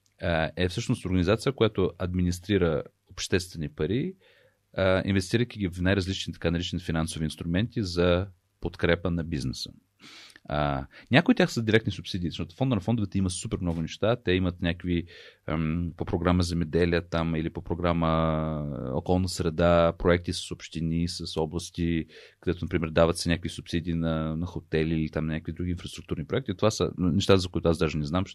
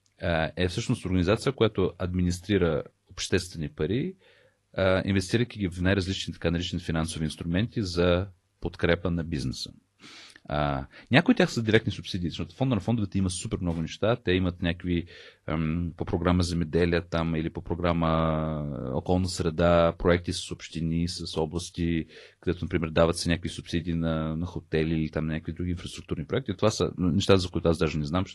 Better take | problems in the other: first | garbled, watery; slightly

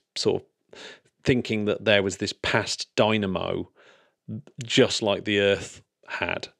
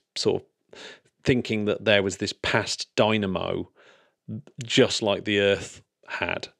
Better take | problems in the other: neither | none

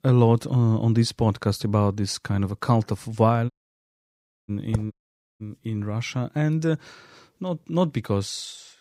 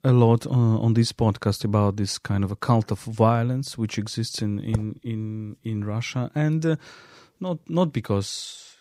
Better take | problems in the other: second | audio cutting out; at 3.5 s for 1 s and at 5 s

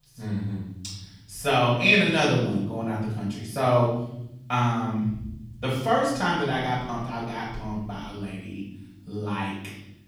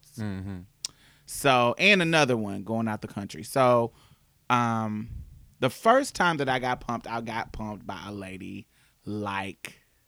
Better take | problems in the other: second | off-mic speech; far // room echo; noticeable; dies away in 1.2 s

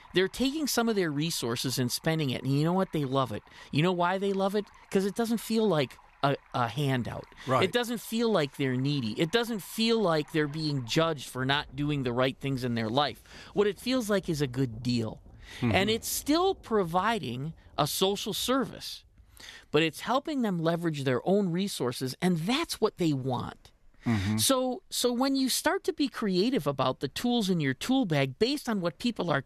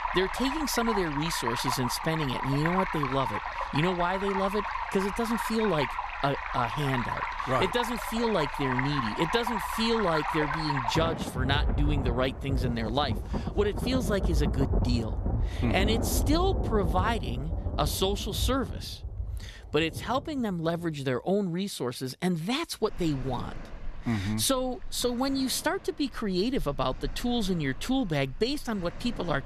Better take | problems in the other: first | rain or running water; loud; throughout; 3 dB below the speech; faint in the first

